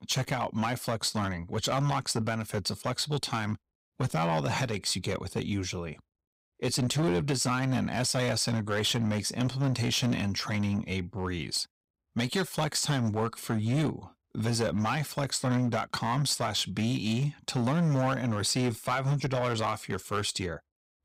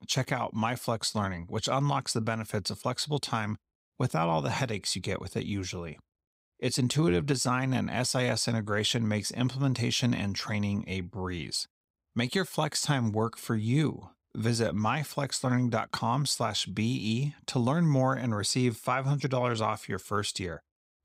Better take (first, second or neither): second